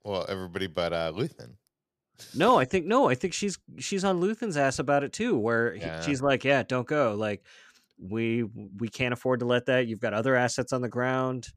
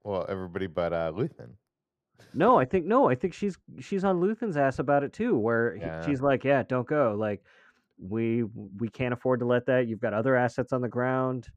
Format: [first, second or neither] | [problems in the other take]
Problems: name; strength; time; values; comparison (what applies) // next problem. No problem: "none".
first | muffled; very; fading above 2.5 kHz